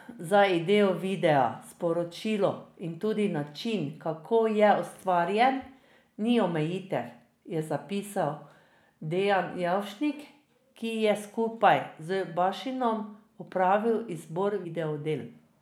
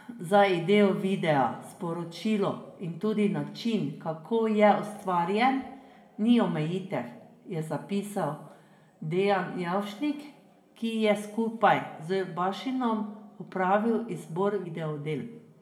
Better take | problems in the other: first | room echo; dies away in 1.5 s

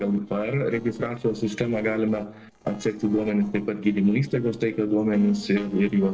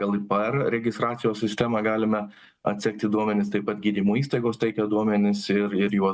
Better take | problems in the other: second | noise reduction (neural separator model SepFormer DNS4)

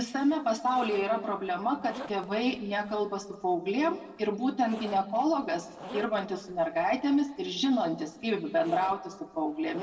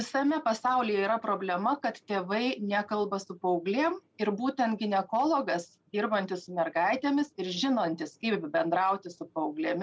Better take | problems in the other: second | noise reduction (neural separator model SepFormer DNS4)

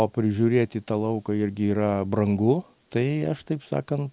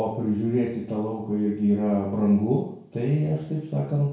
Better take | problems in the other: first | room echo; dies away in 0.6 s

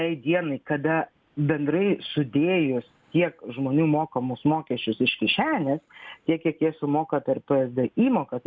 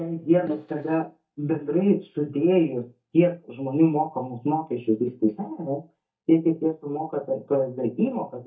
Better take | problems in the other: first | noise reduction (neural mask model DeepFilterNet 3)

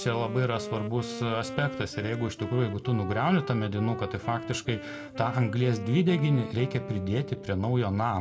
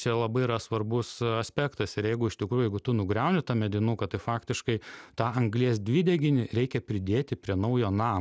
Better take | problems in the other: second | background sound (Wind instrument, woodwind instrument); 11 dB below the speech // room echo; dies away in 1.9 s

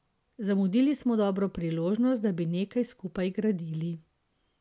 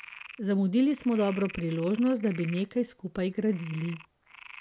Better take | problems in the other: first | background sound (Frog); 19 dB below the speech

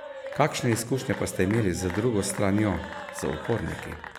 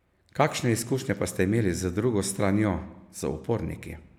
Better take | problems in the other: second | background sound (Applause / Cheering / Clapping); 11 dB below the speech

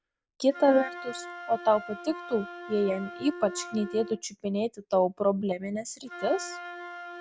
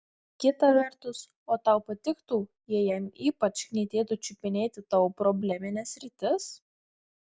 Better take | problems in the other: second | background sound (Wind instrument, woodwind instrument); 13 dB below the speech

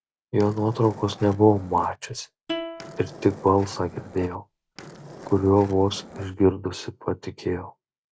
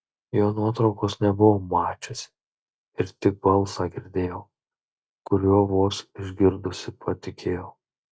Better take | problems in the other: second | background sound (Skateboard + Plucked string instrument); 15 dB below the speech

